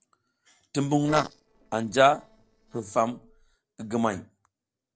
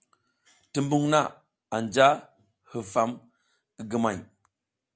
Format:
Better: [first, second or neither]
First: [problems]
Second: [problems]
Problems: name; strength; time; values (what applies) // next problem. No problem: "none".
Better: second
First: noise reduction (neural separator model SepFormer DNS4)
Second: none